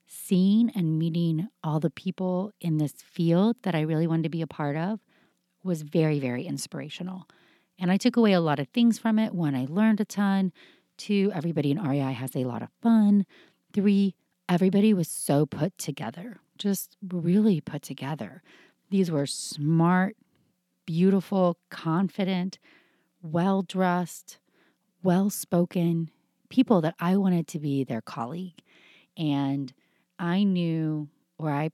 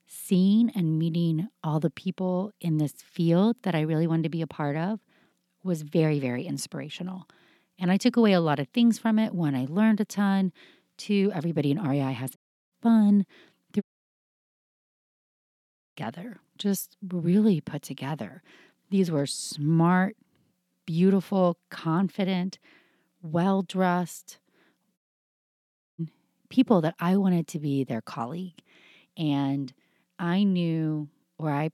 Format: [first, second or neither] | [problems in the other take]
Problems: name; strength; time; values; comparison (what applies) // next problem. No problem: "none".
first | audio cutting out; at 12 s, at 14 s for 2 s and at 25 s for 1 s